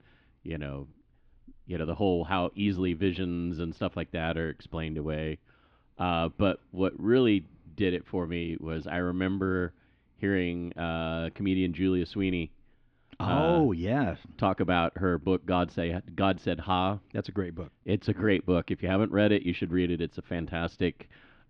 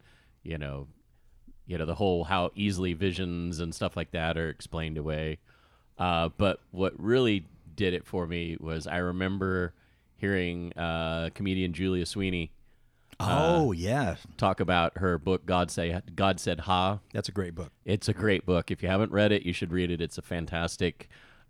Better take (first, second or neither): second